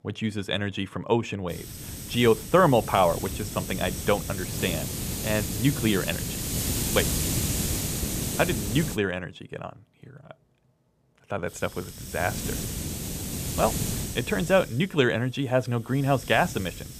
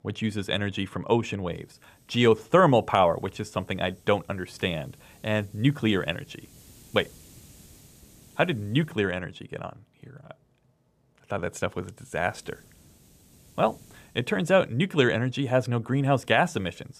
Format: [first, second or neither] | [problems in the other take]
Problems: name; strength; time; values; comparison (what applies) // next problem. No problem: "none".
second | hiss; loud; from 1.5 to 9 s and from 11 s on; 4 dB below the speech; faint in the second